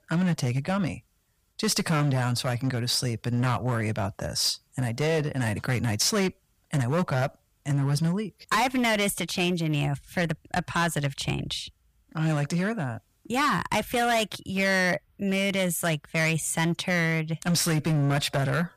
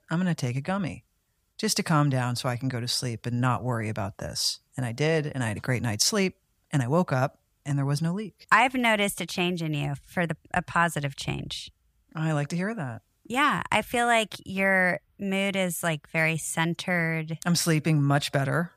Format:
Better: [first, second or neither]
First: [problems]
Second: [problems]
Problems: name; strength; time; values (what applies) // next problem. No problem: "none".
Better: second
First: distortion; heavy; 11% of the sound clipped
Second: none